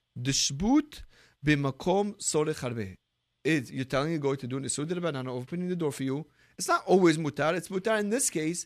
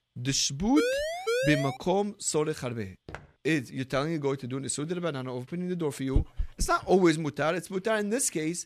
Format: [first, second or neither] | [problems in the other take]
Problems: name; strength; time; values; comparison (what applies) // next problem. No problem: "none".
first | siren; loud; from 1 to 2 s; peak level with the speech // footsteps; faint; at 3 s; peak 15 dB below the speech // dog barking; noticeable; at 6 s; peak 4 dB below the speech